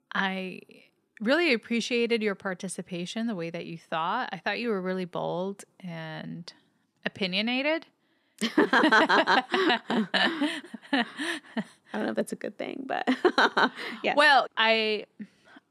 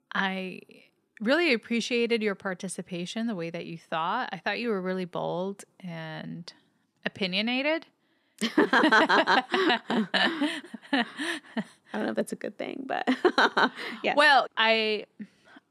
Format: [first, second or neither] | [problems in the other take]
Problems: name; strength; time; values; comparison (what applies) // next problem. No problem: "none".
neither | none